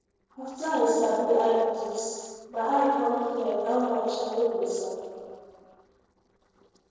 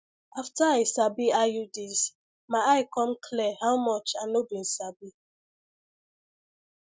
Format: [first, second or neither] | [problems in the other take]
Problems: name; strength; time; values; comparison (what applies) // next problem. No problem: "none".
second | noise reduction (neural separator model SepFormer DNS4)